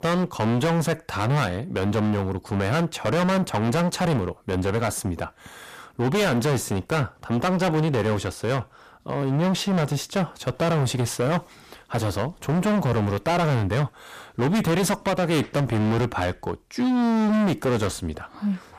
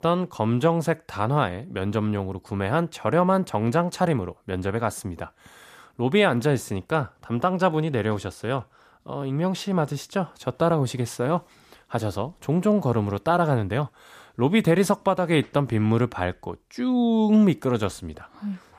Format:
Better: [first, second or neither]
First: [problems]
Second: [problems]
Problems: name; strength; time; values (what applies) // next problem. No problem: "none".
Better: second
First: distortion; heavy; 23% of the sound clipped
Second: none